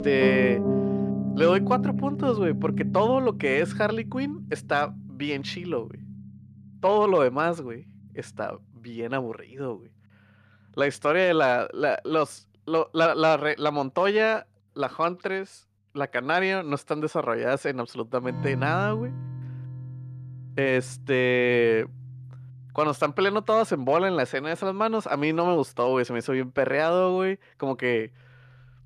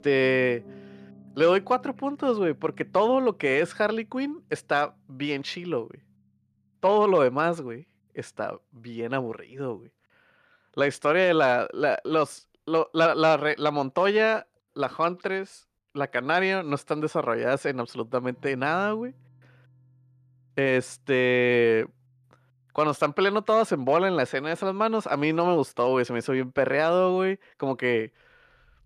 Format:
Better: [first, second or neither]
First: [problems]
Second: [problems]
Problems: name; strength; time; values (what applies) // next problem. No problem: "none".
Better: second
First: background music; loud; throughout; 6 dB below the speech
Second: background music; faint; throughout; 30 dB below the speech